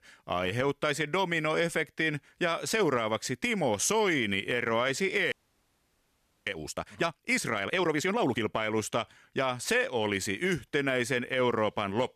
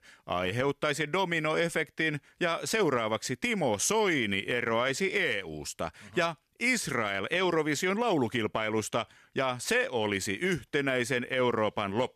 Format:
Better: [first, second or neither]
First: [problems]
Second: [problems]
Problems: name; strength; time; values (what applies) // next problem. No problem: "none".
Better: second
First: audio freezing; at 5.5 s for 1 s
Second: none